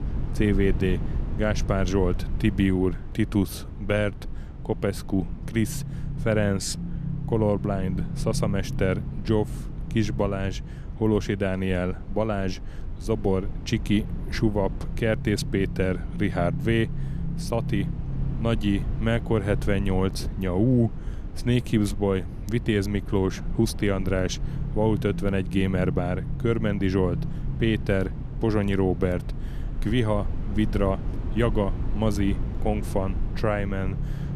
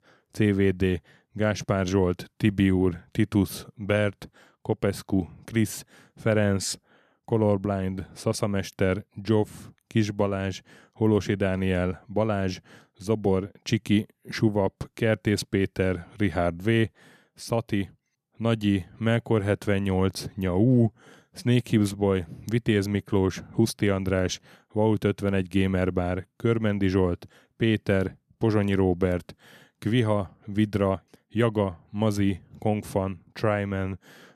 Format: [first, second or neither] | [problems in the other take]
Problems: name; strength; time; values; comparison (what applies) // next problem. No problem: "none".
second | low rumble; noticeable; throughout; 15 dB below the speech